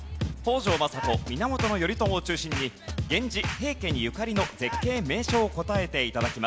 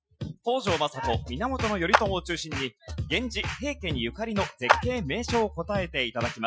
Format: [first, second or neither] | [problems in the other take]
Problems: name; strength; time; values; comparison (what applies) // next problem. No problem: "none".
first | noise reduction (classical method Wiener filter)